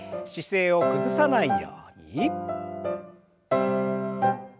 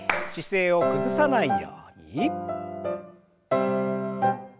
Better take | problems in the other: first | background sound (Clapping); 8 dB below the speech

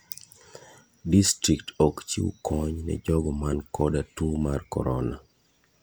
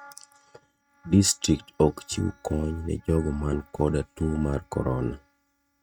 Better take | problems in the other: first | noise reduction (neural mask model RNNoise)

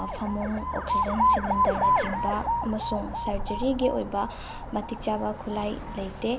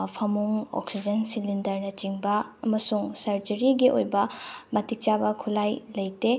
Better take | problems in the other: second | background sound (Alarm); 2 dB above the speech

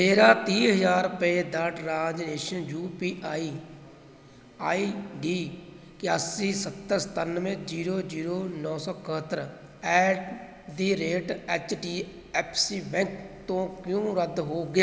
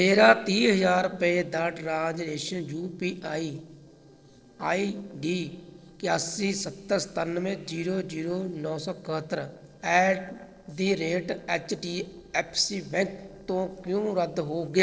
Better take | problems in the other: first | noise reduction (neural separator model SepFormer DNS4)

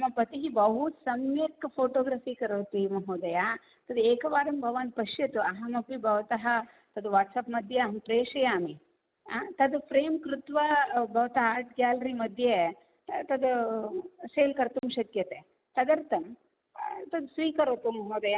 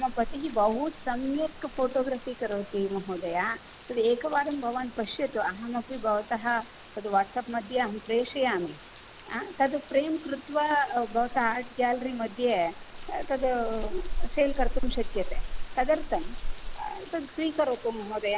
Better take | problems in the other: first | background sound (Rain); 5 dB below the speech

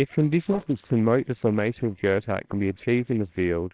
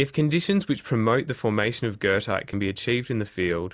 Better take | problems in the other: second | noise reduction (neural separator model SepFormer WHAMR!)

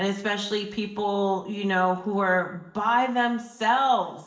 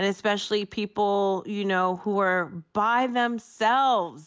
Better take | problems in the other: second | room echo; dies away in 1.1 s

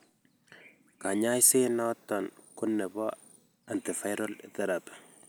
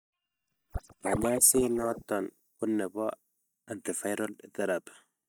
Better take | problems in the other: first | noise reduction (neural mask model DeepFilterNet 3)

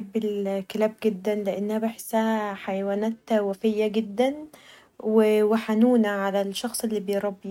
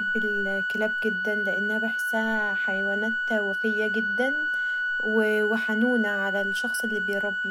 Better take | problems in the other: first | background sound (Organ); 2 dB above the speech

